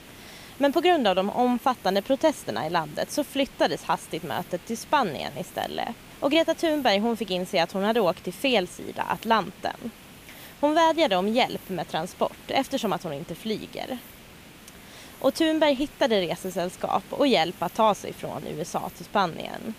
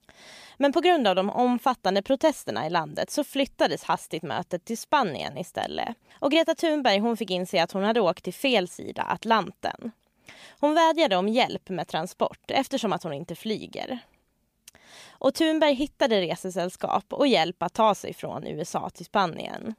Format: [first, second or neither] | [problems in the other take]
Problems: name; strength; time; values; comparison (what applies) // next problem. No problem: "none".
second | hiss; noticeable; throughout; 20 dB below the speech